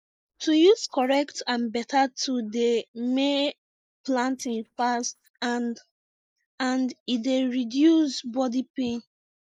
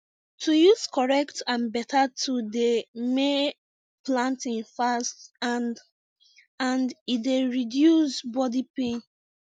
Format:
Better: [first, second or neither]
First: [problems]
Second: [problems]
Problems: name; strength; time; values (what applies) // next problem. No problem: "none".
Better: second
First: noise reduction (neural mask model Resemble Enhance denoiser)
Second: none